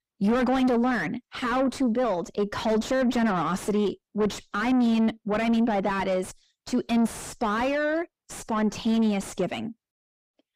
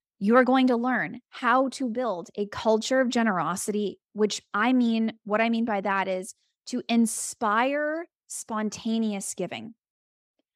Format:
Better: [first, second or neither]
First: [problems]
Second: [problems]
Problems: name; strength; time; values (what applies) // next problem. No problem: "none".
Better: second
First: distortion; heavy; 5 dB below the speech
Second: none